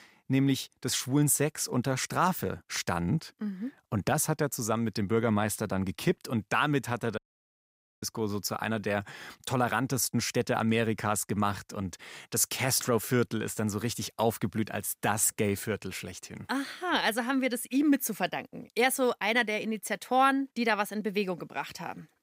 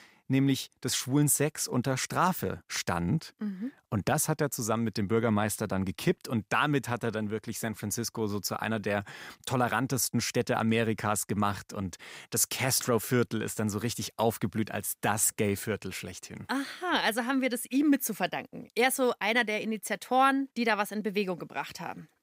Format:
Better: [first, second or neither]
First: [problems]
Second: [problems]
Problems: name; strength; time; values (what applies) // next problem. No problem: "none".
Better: second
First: audio cutting out; at 7 s for 1 s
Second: none